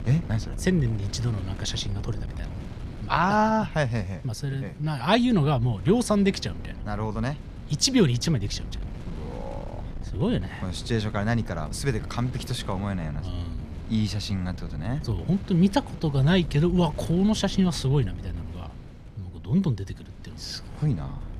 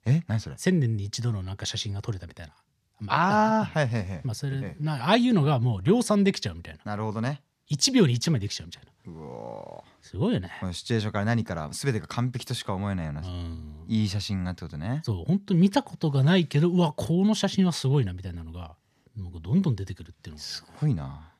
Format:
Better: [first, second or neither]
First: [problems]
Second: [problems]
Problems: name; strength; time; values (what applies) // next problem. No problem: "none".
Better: second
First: wind noise on the microphone; occasional gusts; 20 dB below the speech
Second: none